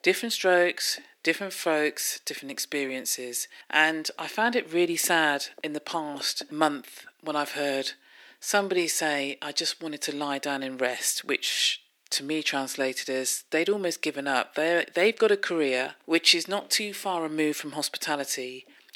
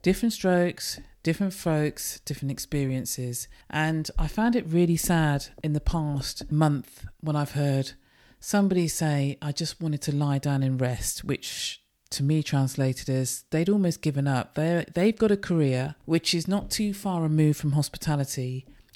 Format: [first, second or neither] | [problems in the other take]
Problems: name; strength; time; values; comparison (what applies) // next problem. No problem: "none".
second | thin; very; fading below 300 Hz